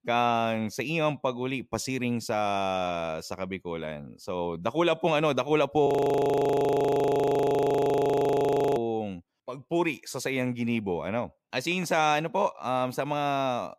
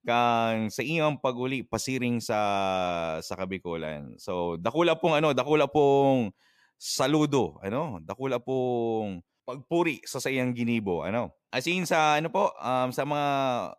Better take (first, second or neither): second